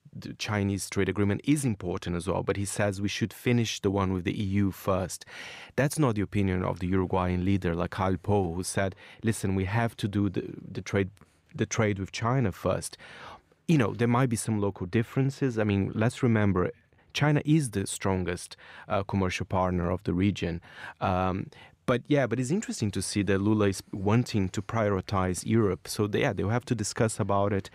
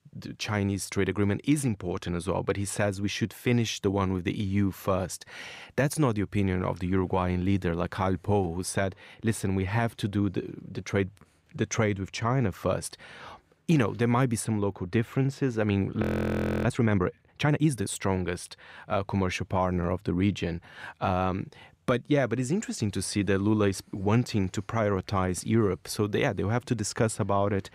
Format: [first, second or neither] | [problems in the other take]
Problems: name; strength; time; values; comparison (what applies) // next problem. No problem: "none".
first | audio freezing; at 16 s for 0.5 s